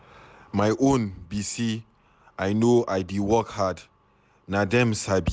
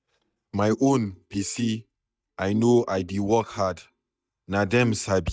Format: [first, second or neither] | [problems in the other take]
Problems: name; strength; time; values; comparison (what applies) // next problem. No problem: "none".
first | noise reduction (neural mask model DeepFilterNet 3)